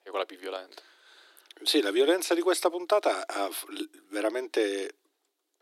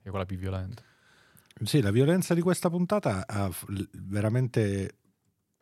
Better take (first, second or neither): second